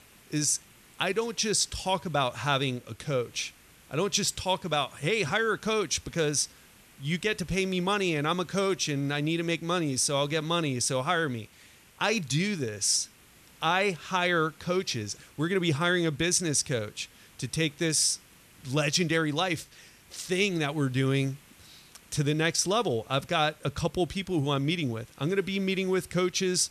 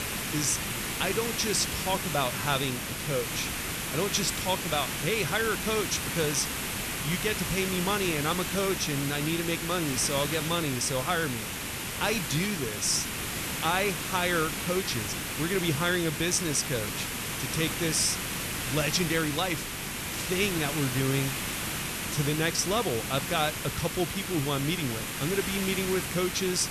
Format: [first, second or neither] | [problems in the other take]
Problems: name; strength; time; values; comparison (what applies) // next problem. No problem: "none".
first | hiss; loud; throughout; 2 dB below the speech; faint in the first